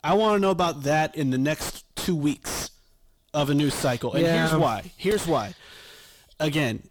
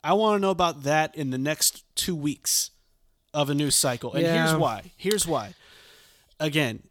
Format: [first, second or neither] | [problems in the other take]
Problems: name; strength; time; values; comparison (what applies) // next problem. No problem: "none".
second | distortion; heavy; 5 dB below the speech